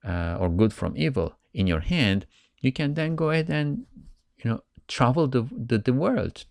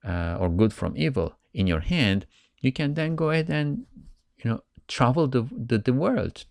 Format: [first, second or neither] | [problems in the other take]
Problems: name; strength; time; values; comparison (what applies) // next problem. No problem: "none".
neither | none